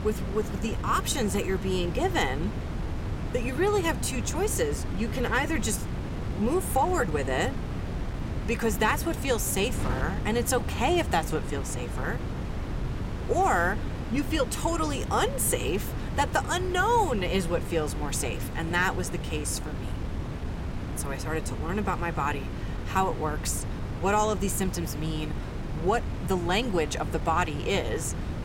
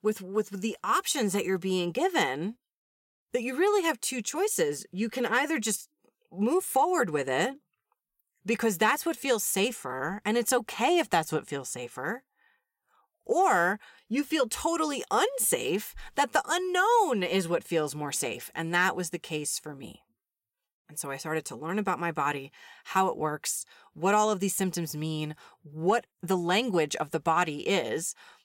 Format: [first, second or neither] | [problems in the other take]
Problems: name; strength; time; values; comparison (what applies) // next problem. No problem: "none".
second | wind noise on the microphone; occasional gusts; 10 dB below the speech